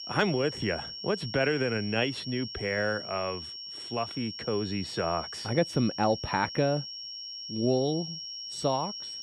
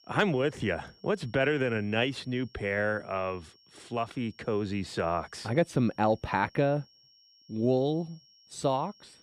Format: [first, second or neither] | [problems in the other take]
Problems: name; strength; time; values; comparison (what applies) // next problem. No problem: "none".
second | high-pitched whine; loud; throughout; 5.5 kHz, 7 dB below the speech; faint in the second